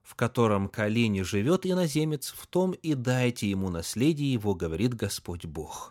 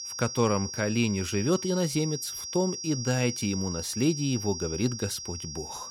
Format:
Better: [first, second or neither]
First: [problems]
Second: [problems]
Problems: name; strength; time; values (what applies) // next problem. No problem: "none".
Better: first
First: none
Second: high-pitched whine; loud; throughout; 5.5 kHz, 6 dB below the speech